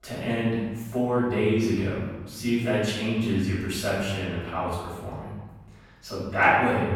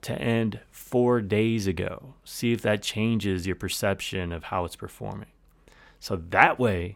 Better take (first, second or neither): second